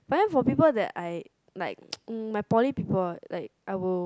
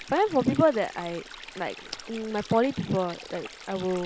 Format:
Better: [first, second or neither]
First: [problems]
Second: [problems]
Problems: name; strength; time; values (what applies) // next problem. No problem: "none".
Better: first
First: none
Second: background sound (Stream); 16 dB below the speech